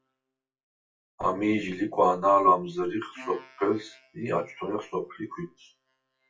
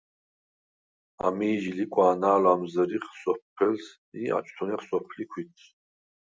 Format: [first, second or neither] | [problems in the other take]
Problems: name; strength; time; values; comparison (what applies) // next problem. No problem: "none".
second | noise reduction (classical method WPE with log-MMSE)